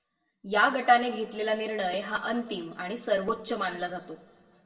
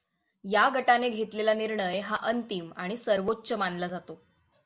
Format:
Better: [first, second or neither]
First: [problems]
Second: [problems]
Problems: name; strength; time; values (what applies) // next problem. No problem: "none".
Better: second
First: room echo; dies away in 1.3 s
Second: none